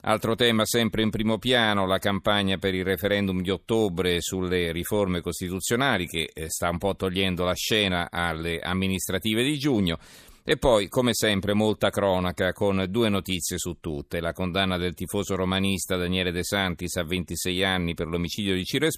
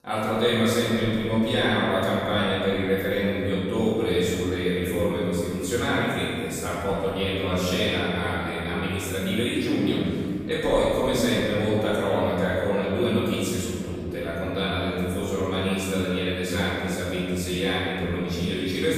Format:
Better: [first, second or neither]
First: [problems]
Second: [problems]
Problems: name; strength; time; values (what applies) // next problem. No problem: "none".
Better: first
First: none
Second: off-mic speech; far // room echo; strong; dies away in 2.2 s